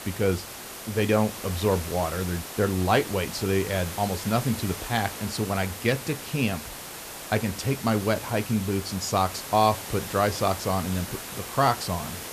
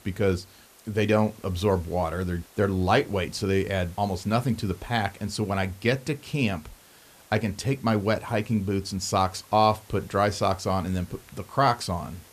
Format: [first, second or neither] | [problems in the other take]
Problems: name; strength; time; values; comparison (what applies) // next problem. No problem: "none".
second | hiss; loud; throughout; 9 dB below the speech; faint in the second